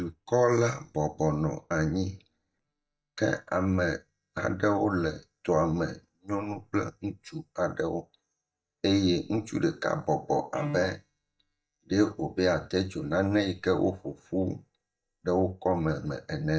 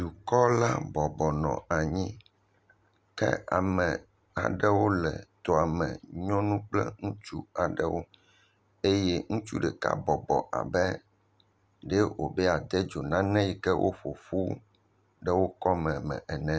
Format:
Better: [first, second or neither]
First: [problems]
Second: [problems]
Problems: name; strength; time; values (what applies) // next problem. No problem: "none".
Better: second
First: noise reduction (neural mask model DeepFilterNet 3)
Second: none